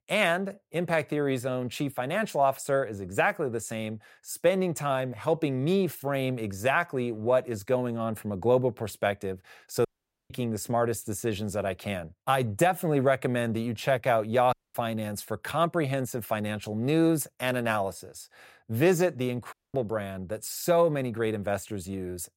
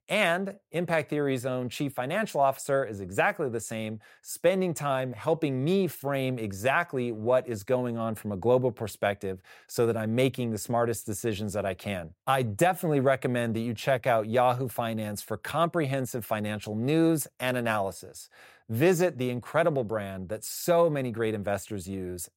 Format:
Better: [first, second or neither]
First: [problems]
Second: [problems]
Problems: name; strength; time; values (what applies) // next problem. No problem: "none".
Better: second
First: audio cutting out; at 10 s, at 15 s and at 20 s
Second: none